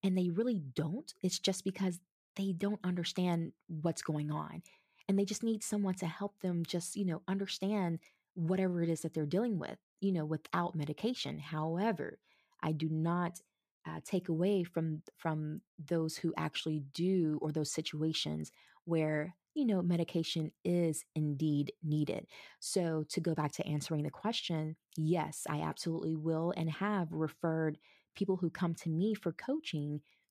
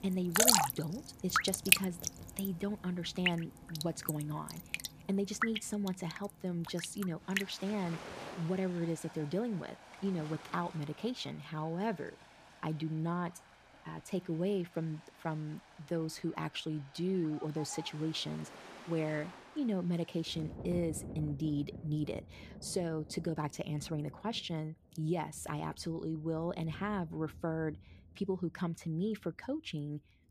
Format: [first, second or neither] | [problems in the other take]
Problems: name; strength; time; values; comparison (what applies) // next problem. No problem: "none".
first | rain or running water; very loud; throughout; 2 dB above the speech